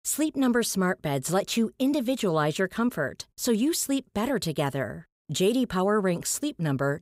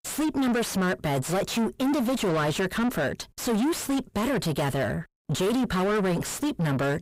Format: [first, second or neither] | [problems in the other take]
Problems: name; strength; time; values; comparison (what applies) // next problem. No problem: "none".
first | distortion; heavy; 5 dB below the speech